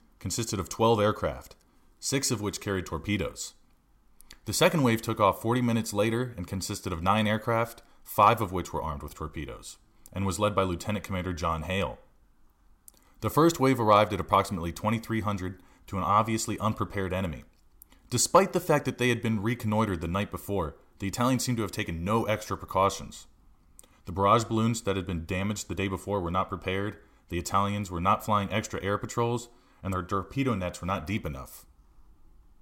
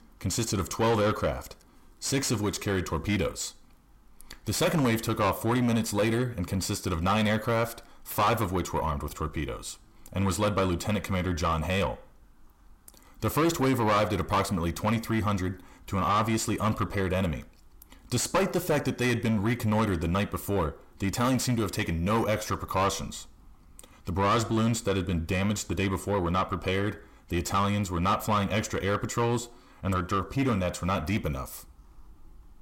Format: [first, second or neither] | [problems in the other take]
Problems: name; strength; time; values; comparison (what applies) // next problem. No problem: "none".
first | distortion; heavy; 7 dB below the speech